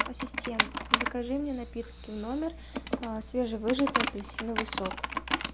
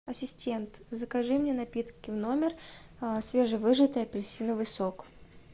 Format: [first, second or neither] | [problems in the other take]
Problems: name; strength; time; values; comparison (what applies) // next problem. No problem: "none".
second | background sound (Computer keyboard); as loud as the speech